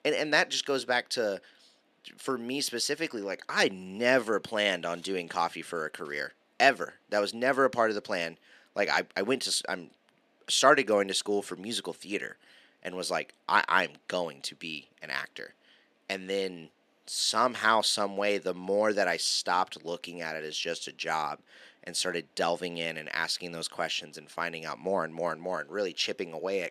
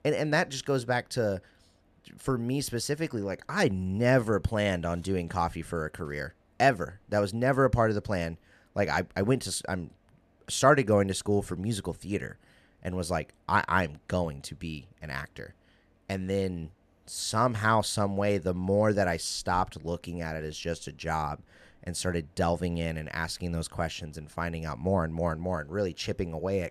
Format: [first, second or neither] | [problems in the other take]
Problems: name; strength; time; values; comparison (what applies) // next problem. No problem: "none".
second | thin; somewhat; fading below 250 Hz